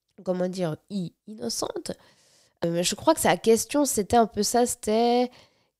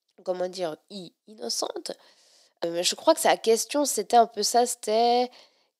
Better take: first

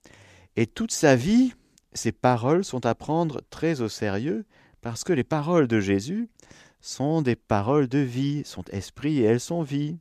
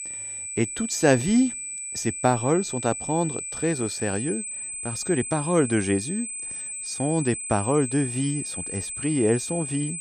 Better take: first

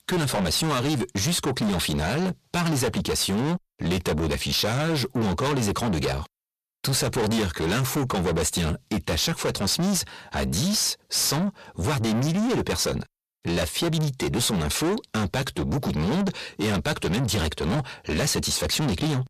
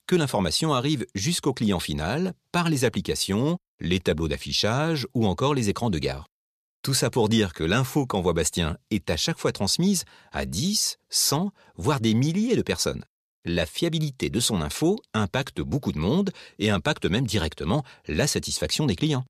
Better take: second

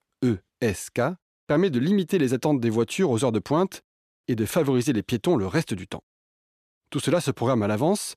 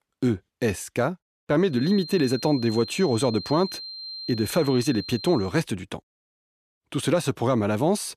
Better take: first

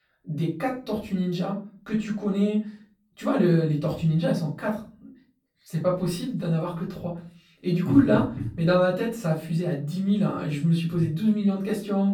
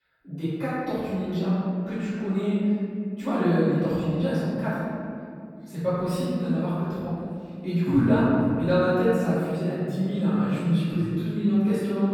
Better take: first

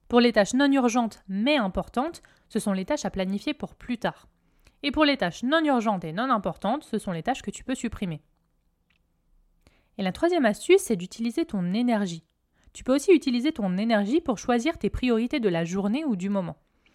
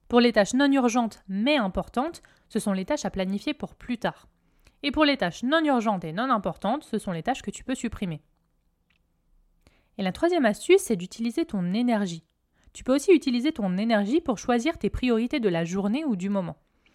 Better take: neither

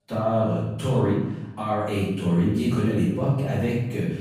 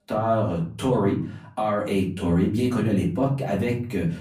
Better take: second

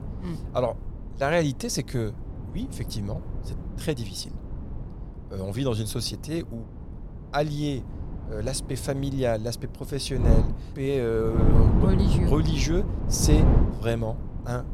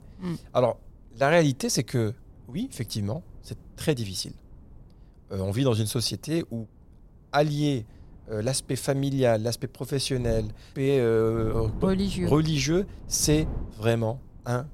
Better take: second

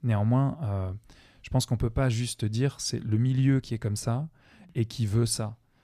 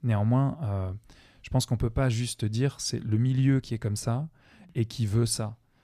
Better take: neither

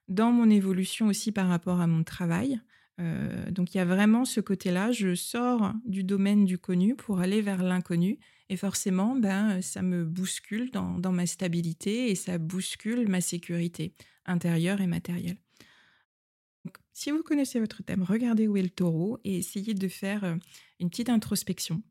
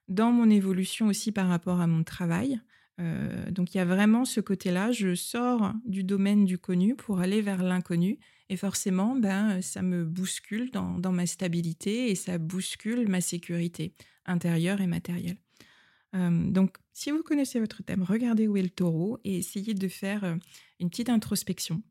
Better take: second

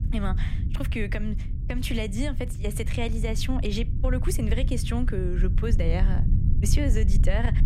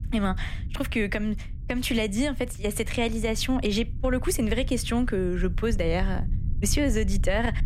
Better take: second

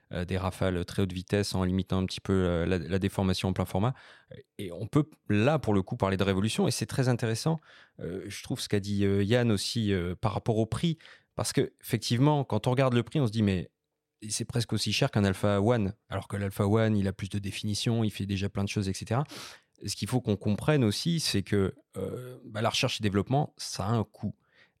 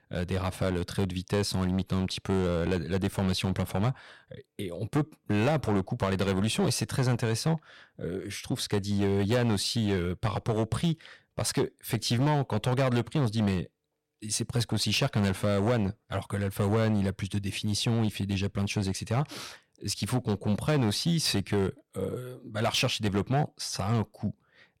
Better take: first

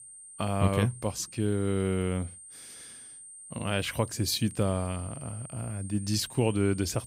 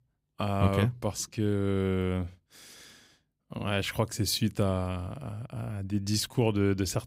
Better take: second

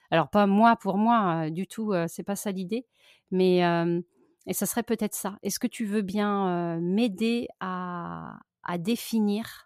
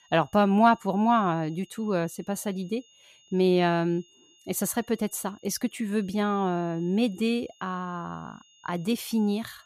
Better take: first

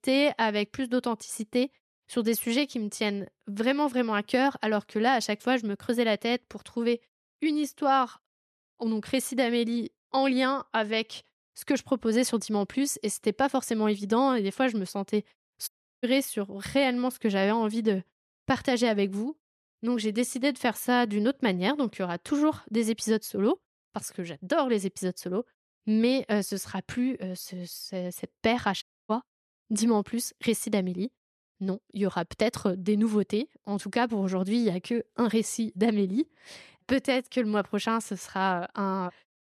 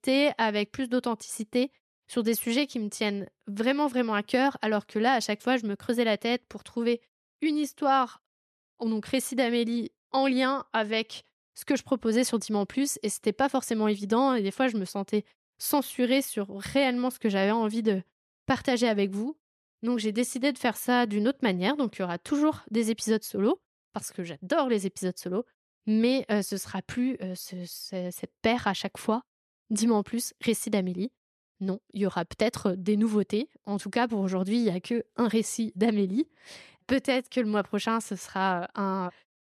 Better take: second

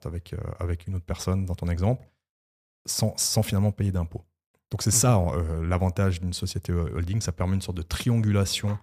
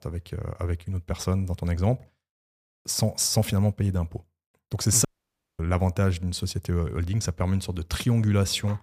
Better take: first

